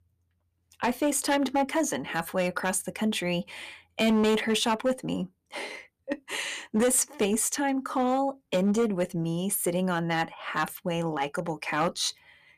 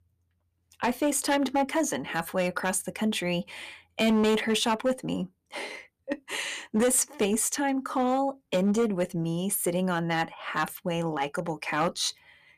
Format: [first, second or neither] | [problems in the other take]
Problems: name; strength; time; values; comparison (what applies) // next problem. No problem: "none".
neither | distortion; slight; 4% of the sound clipped; the same in both